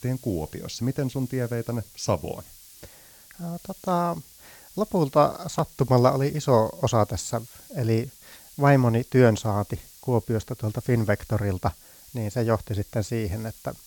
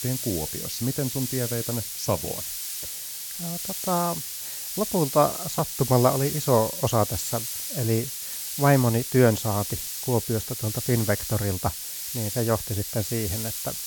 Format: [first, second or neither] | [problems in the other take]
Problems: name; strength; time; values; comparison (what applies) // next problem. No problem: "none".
first | hiss; loud; throughout; 4 dB below the speech; faint in the first